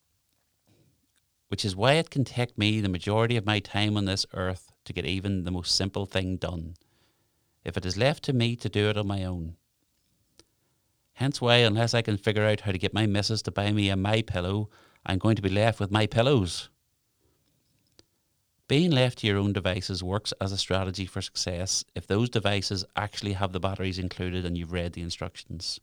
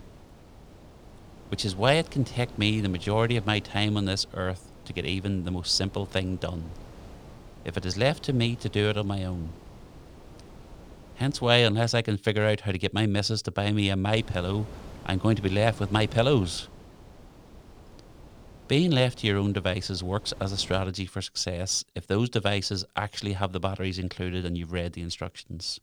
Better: first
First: none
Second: wind noise on the microphone; occasional gusts; until 11 s and from 14 to 21 s; 20 dB below the speech

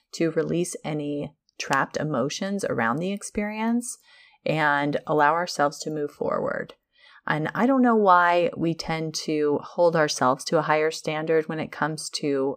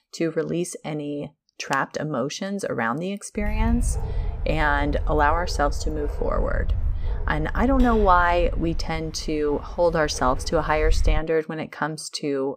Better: first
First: none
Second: dog barking; noticeable; from 3.5 to 11 s; peak 1 dB below the speech

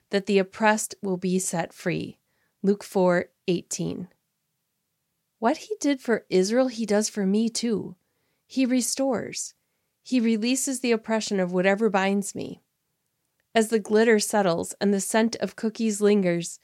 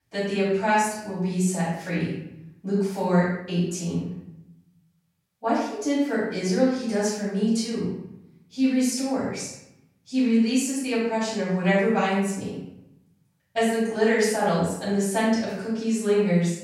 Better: first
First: none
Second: off-mic speech; far // room echo; strong; dies away in 0.8 s

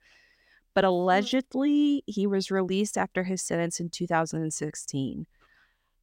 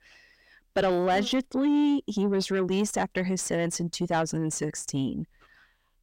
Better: first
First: none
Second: distortion; slight; 10 dB below the speech

